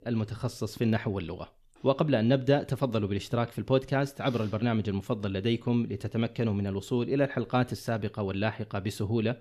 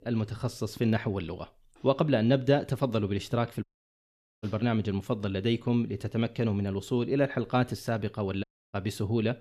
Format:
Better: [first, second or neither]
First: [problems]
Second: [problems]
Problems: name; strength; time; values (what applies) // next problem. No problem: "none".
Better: first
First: none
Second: audio cutting out; at 3.5 s for 1 s and at 8.5 s